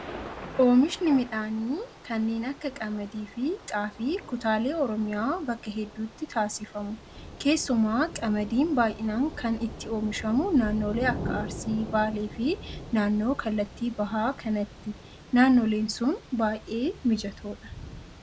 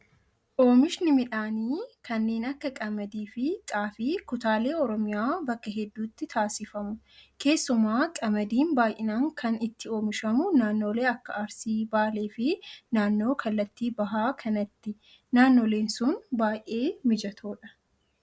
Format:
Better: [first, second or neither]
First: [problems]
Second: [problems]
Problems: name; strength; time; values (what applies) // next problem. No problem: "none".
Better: second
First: background sound (Thunder / Rain); 14 dB below the speech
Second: none